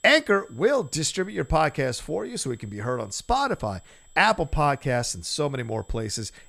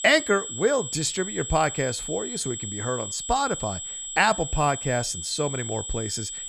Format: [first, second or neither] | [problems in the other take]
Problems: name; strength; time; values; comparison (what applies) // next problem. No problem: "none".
first | high-pitched whine; loud; throughout; 7.5 kHz, 6 dB below the speech; faint in the first